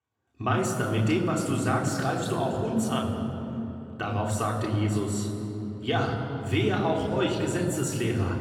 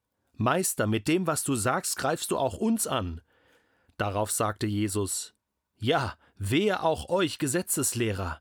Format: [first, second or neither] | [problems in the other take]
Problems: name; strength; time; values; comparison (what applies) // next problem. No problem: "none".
second | room echo; noticeable; dies away in 3 s // off-mic speech; far